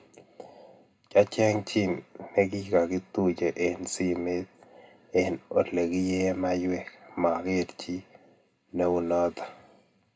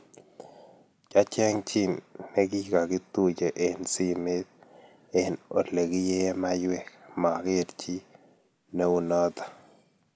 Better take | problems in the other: second | room echo; dies away in 0.2 s

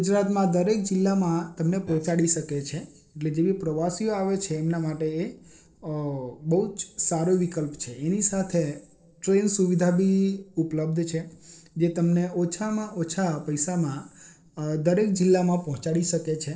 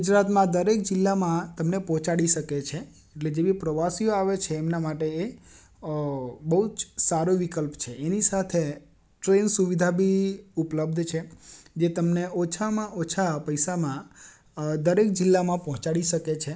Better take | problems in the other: second | noise reduction (neural separator model SepFormer DNS4)

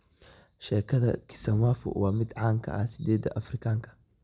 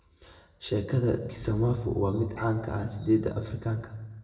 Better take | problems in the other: first | room echo; dies away in 0.9 s

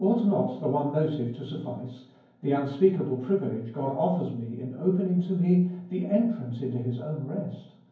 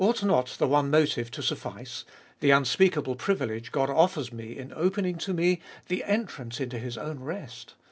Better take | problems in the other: second | room echo; dies away in 0.9 s

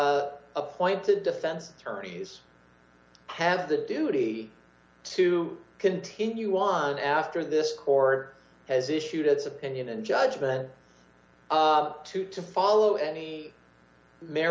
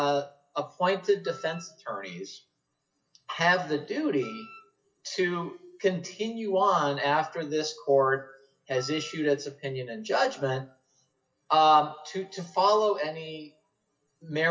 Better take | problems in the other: first | noise reduction (classical method WPE with log-MMSE)

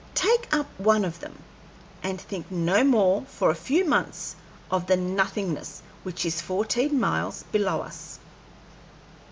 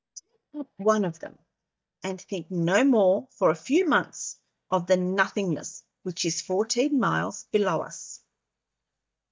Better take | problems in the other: first | noise reduction (neural mask model DeepFilterNet 3)

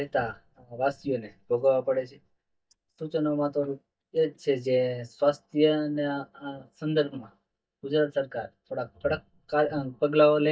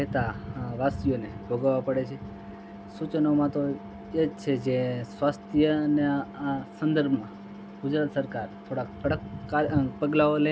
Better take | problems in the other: second | noise reduction (neural mask model DeepFilterNet 3)

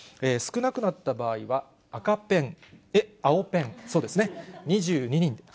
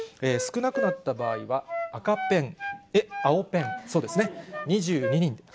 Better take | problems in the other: first | background sound (Wind instrument, woodwind instrument); 7 dB below the speech

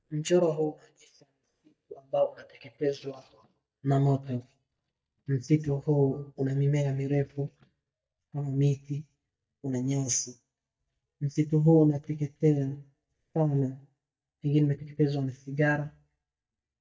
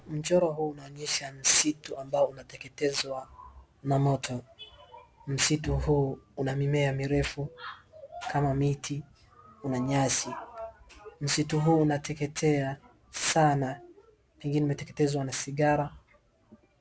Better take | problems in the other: second | noise reduction (neural mask model DeepFilterNet 3)

